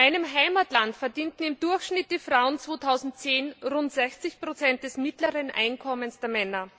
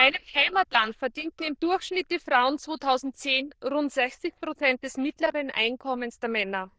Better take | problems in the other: first | noise reduction (neural diffusion model UNIVERSE++)

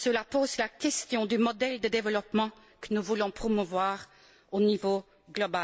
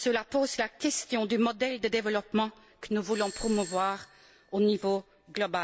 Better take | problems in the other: first | background sound (Doorbell); 17 dB below the speech

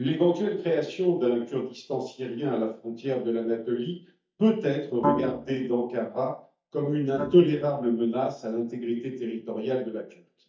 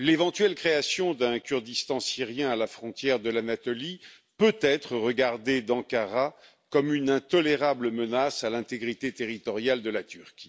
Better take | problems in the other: second | noise reduction (neural mask model DeepFilterNet 3)

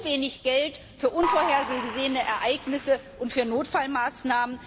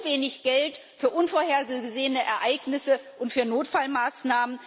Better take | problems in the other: second | background sound (Applause / Crowd); 9 dB below the speech

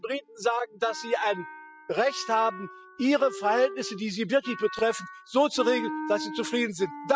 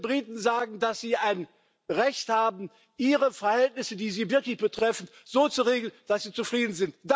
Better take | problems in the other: second | noise reduction (classical method spectral subtraction)

